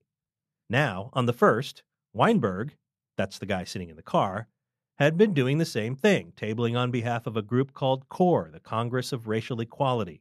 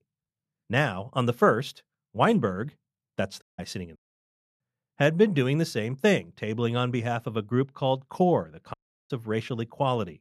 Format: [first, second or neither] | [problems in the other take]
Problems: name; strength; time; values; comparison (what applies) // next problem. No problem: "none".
first | audio cutting out; at 3.5 s, at 4 s for 0.5 s and at 8.5 s